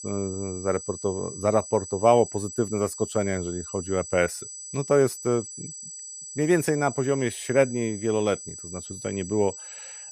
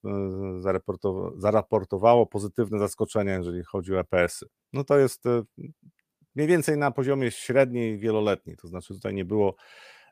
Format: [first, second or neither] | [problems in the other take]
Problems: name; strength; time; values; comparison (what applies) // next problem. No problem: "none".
second | high-pitched whine; noticeable; throughout; 8 kHz, 10 dB below the speech